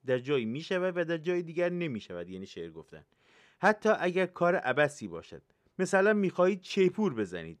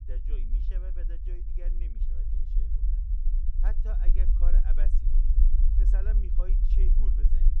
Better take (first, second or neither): first